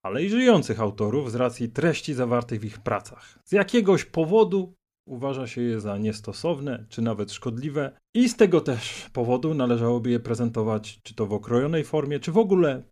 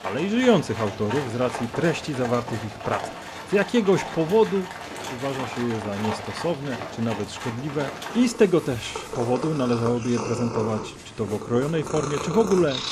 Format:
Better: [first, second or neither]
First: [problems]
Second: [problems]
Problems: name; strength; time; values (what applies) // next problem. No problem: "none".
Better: first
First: none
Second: animal sounds; loud; throughout; 8 dB below the speech